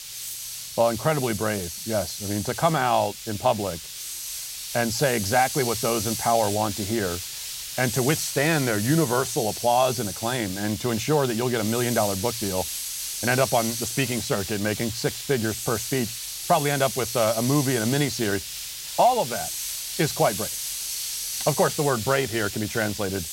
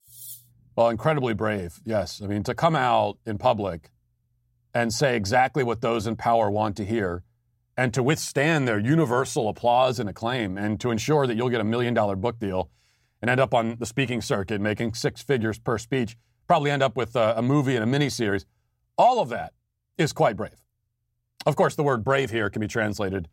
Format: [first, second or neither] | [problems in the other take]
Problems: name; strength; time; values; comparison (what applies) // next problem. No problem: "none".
second | hiss; loud; throughout; 5 dB below the speech